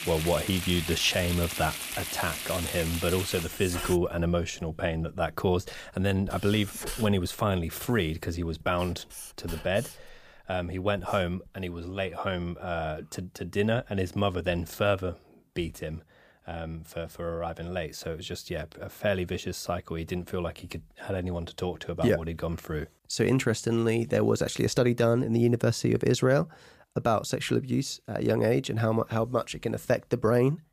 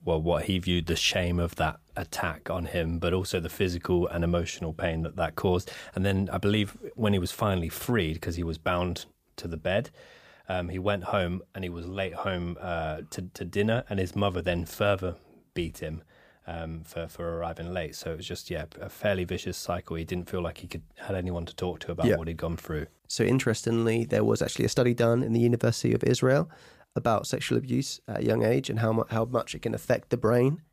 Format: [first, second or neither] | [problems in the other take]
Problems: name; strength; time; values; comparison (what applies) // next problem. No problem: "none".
second | household noises; loud; until 11 s; 7 dB below the speech